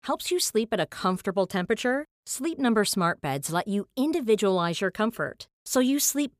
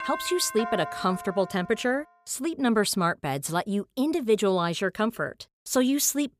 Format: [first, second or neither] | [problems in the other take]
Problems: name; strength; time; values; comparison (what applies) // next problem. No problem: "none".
first | doorbell; noticeable; until 2 s; peak 8 dB below the speech